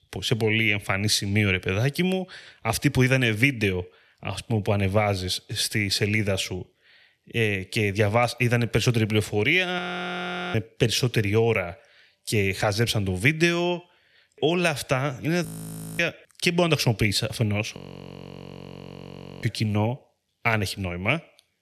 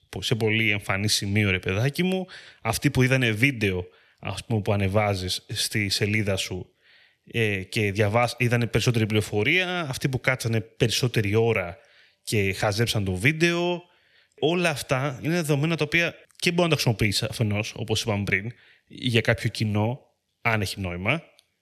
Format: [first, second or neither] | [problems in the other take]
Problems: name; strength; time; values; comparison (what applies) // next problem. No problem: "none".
second | audio freezing; at 10 s for 1 s, at 15 s for 0.5 s and at 18 s for 1.5 s